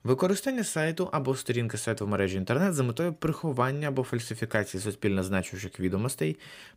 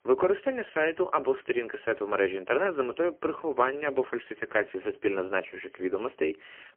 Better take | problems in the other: first | phone-call audio; poor line; nothing above 3 kHz

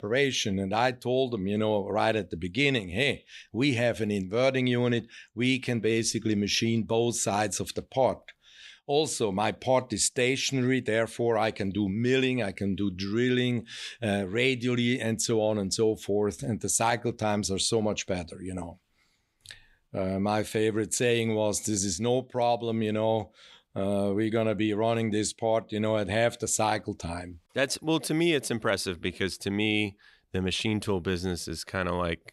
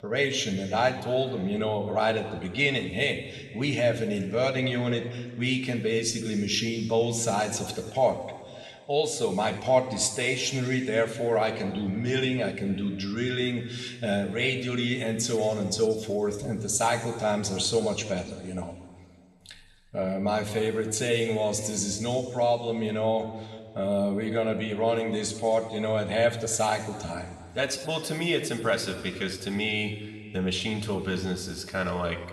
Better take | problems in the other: first | room echo; slight; dies away in 1.6 s

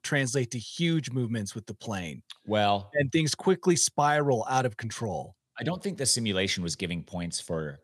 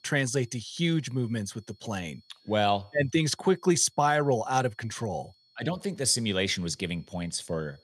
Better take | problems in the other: first | high-pitched whine; faint; throughout; 4.5 kHz, 35 dB below the speech

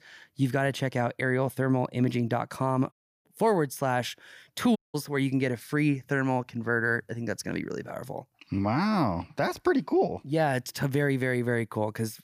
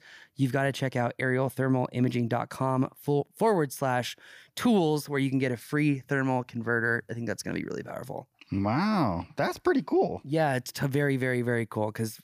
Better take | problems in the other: second | audio cutting out; at 3 s and at 5 s

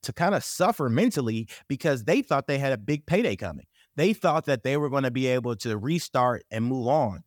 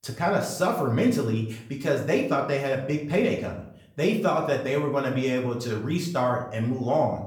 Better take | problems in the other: first | room echo; slight; dies away in 0.5 s // off-mic speech; far

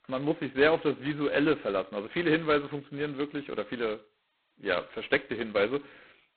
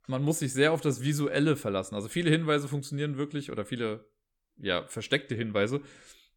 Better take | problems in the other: second | phone-call audio; poor line; nothing above 4 kHz

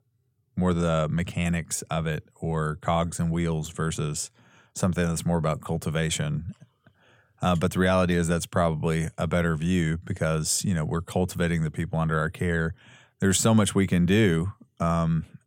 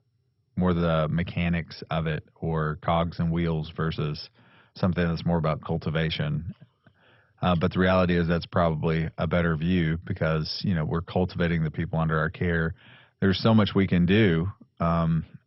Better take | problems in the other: first | garbled, watery; badly; nothing above 5.5 kHz

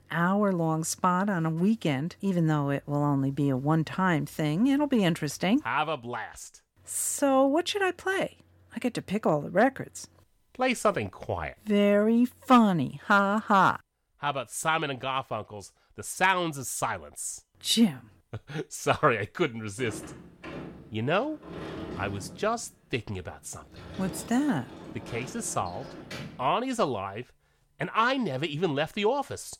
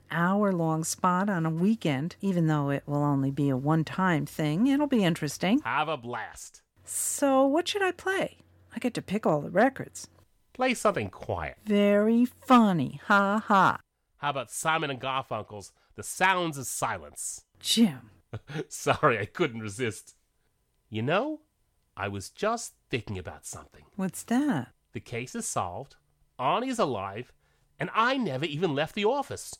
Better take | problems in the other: second | door banging; faint; from 20 to 26 s; peak 10 dB below the speech

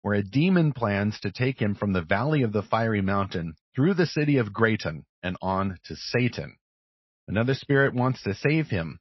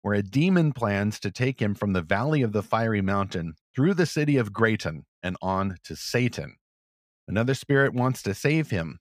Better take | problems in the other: second | garbled, watery; slightly; nothing above 5.5 kHz

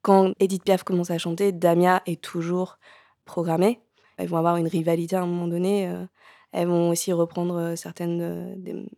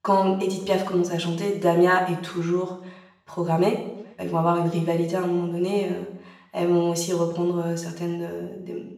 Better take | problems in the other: first | room echo; noticeable; dies away in 0.7 s // off-mic speech; far

